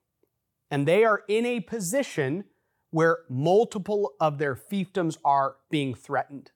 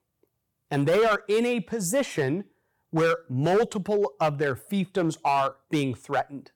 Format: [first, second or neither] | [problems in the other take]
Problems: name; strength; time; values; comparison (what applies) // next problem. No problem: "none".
first | distortion; slight; 6% of the sound clipped